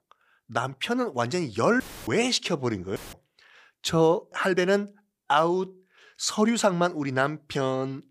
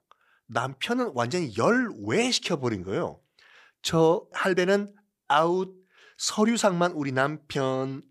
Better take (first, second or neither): second